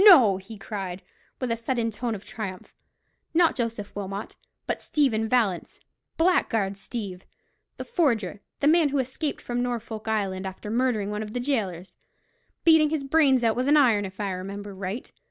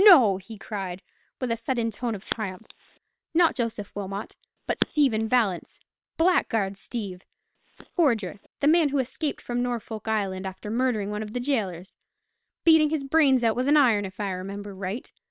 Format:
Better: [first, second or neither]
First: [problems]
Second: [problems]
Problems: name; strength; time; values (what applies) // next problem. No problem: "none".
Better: first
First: none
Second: noise reduction (neural separator model SepFormer WHAM!)